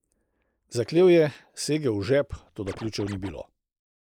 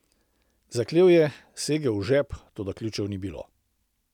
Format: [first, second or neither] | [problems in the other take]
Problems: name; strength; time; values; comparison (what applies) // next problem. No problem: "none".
second | noise reduction (neural mask model Resemble Enhance denoiser)